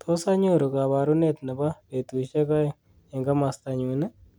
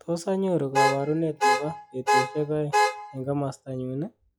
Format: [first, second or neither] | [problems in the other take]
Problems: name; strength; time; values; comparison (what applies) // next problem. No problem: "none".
first | noise reduction (classical method log-MMSE)